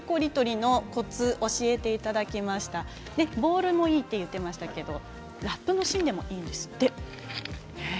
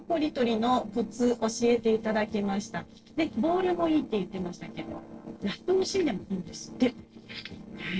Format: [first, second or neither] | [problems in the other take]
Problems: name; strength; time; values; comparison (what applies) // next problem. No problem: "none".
first | noise reduction (neural separator model SepFormer DNS4)